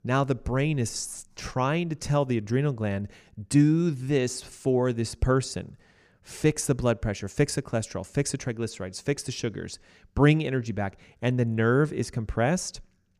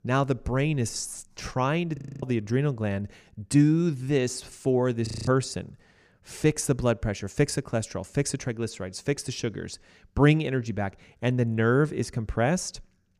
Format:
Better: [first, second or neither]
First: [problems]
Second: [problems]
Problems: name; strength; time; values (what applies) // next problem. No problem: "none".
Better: first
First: none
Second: audio freezing; at 2 s and at 5 s